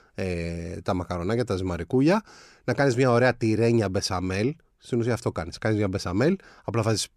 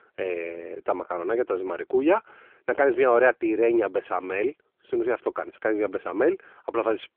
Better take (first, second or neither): first